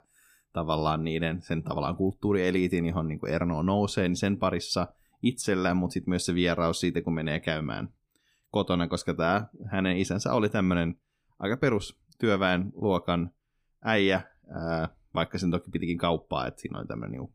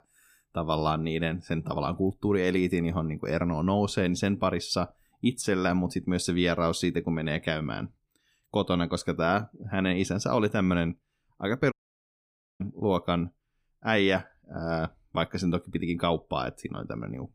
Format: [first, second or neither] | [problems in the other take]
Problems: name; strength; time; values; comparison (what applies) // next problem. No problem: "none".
first | audio cutting out; at 12 s for 1 s